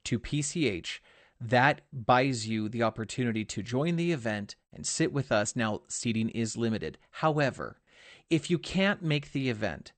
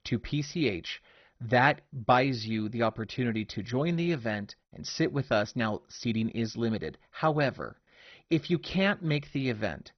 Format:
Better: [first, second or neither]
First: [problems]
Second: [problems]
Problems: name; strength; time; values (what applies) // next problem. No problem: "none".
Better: first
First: garbled, watery; slightly; nothing above 8.5 kHz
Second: garbled, watery; badly; nothing above 6 kHz